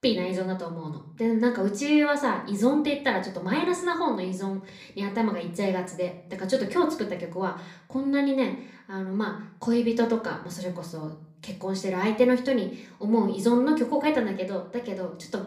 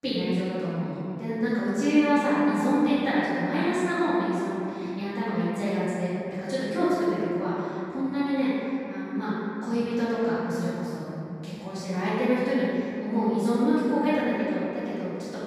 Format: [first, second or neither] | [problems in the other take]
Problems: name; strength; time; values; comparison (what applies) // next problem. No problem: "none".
first | room echo; strong; dies away in 2.8 s; slight in the first // off-mic speech; far; somewhat distant in the first